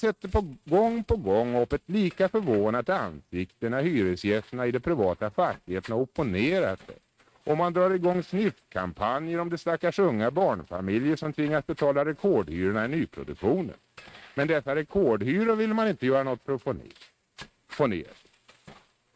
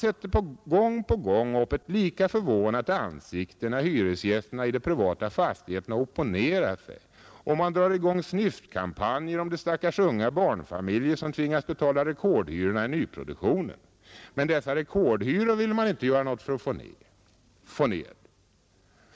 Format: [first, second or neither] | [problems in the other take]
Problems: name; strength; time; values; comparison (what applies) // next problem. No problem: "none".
second | noise reduction (neural mask model RNNoise)